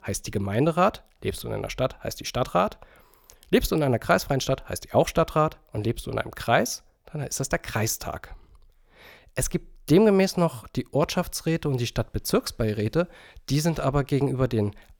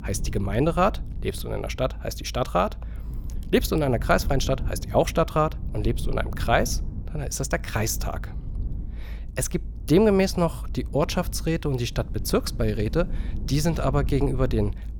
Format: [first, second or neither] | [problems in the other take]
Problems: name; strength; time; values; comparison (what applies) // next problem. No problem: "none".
first | low rumble; faint; throughout; 20 dB below the speech